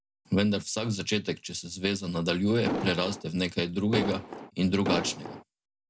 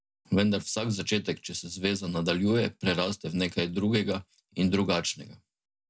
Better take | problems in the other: second | background sound (Explosion); 4 dB below the speech

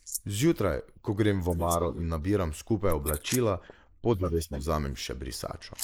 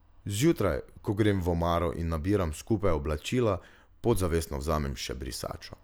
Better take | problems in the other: second | noise reduction (neural mask model Resemble Enhance denoiser)

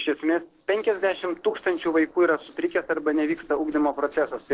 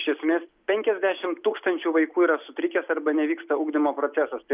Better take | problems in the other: second | noise reduction (neural separator model SepFormer DNS4)

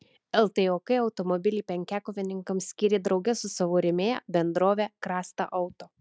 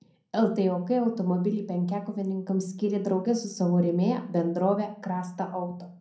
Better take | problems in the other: first | room echo; dies away in 0.6 s

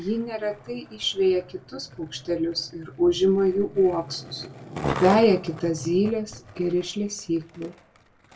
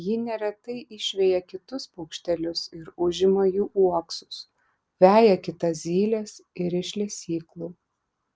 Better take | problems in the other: second | background sound (Skateboard); 13 dB below the speech // room echo; dies away in 0.2 s

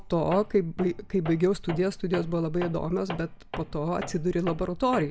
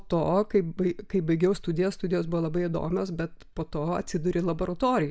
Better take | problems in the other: second | background sound (Tools); 15 dB below the speech

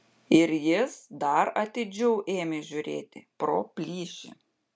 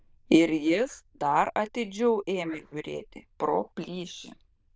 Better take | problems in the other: first | noise reduction (neural diffusion model UNIVERSE++)

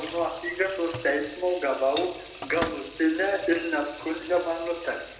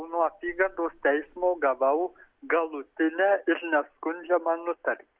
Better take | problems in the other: second | background sound (Sink (filling or washing) / Water tap, faucet); 13 dB below the speech // room echo; dies away in 0.7 s

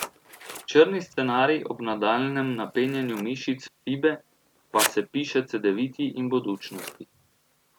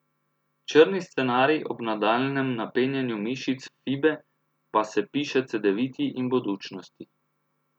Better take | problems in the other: second | background sound (Scissors); 13 dB below the speech

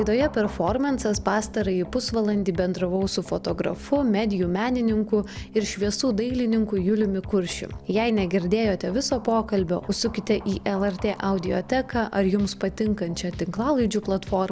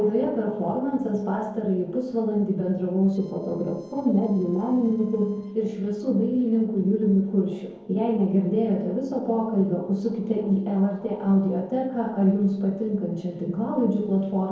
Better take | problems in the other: first | noise reduction (neural separator model SepFormer DNS4)

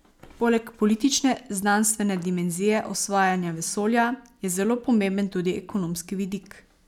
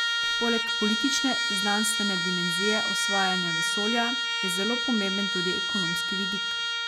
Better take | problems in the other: first | background sound (Trumpet); 3 dB above the speech

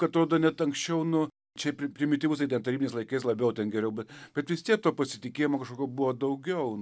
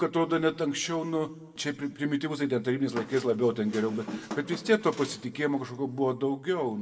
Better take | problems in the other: first | background sound (Squeak); 12 dB below the speech // room echo; dies away in 0.9 s

